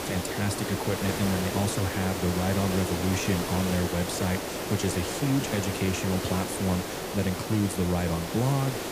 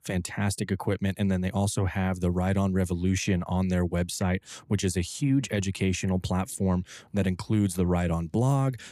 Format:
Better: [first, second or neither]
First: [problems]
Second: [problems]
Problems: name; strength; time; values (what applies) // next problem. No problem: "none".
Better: second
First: hiss; loud; throughout; 3 dB below the speech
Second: none